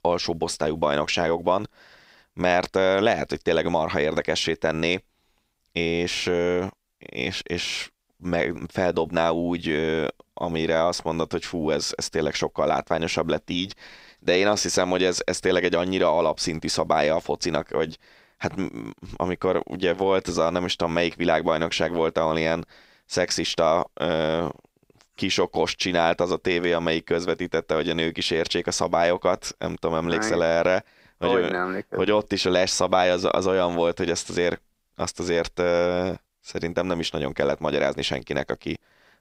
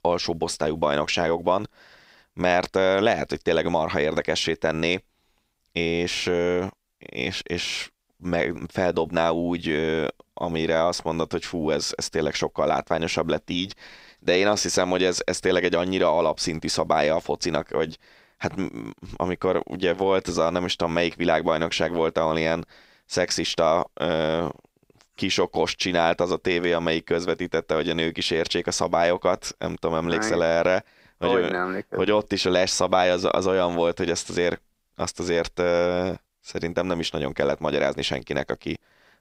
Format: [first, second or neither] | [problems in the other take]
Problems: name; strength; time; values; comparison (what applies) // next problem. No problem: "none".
neither | none